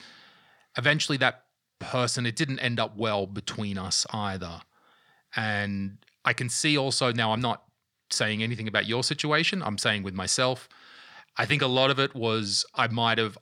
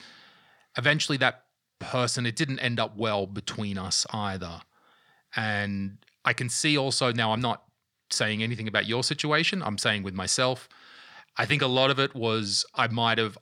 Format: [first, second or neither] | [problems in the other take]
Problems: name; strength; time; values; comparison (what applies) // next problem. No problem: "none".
neither | thin; somewhat; fading below 350 Hz; the same in both